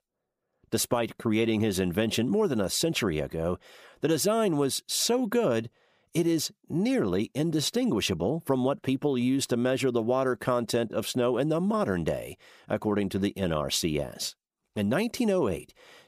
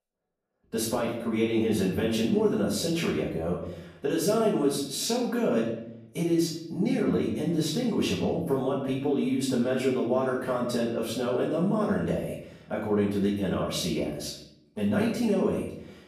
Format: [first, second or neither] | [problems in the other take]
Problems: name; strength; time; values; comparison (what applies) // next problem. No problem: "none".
first | off-mic speech; far // room echo; noticeable; dies away in 0.7 s